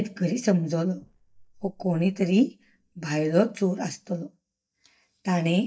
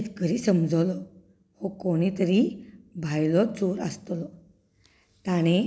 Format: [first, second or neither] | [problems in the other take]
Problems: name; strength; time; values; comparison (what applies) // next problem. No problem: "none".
second | noise reduction (neural mask model DeepFilterNet 3)